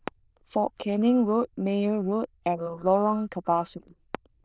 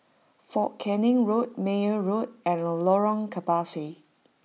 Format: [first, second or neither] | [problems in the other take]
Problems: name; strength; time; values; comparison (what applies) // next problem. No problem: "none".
second | noise reduction (neural diffusion model UNIVERSE++)